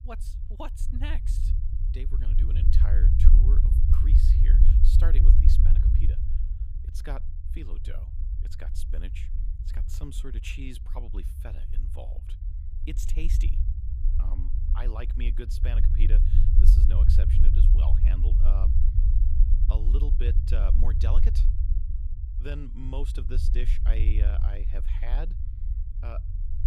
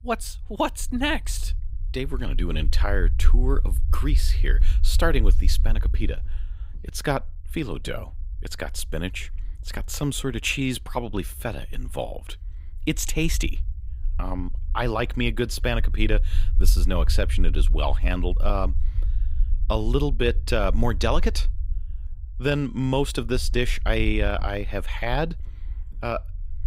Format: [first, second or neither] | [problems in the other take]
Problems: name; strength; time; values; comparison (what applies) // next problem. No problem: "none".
second | low rumble; loud; throughout; 1 dB below the speech; faint in the second